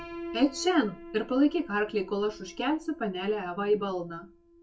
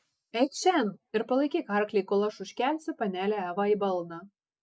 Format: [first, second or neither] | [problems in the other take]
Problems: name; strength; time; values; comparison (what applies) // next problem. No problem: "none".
second | background sound (Piano); 16 dB below the speech // room echo; dies away in 0.2 s